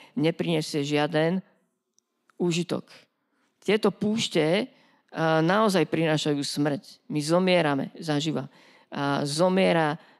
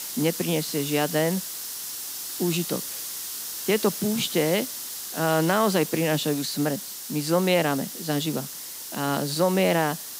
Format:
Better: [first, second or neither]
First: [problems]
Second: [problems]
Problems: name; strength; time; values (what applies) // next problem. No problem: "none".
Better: first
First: none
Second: hiss; loud; throughout; 7 dB below the speech